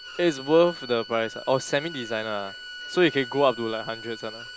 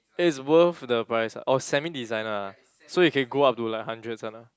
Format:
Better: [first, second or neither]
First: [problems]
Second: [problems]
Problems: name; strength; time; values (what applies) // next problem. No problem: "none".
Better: second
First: background sound (Bowed string instrument); 14 dB below the speech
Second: none